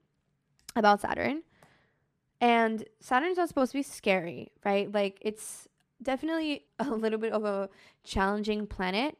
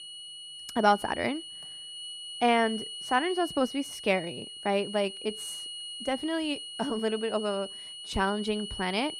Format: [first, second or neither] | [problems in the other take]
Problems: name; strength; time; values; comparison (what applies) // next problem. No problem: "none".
first | high-pitched whine; loud; throughout; 3 kHz, 9 dB below the speech